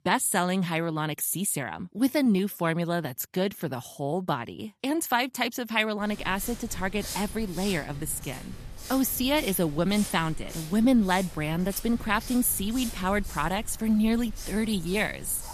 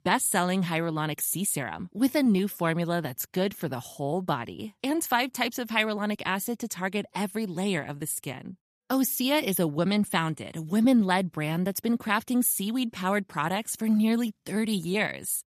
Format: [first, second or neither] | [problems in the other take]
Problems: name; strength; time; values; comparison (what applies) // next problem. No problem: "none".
second | footsteps; noticeable; from 6 s on; peak 8 dB below the speech